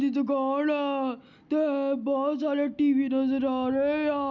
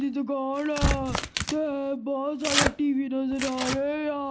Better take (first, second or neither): first